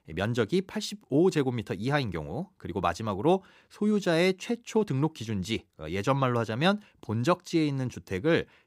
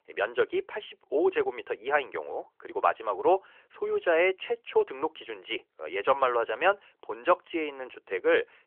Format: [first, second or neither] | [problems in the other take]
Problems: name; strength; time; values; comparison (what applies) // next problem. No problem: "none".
first | phone-call audio; nothing above 3 kHz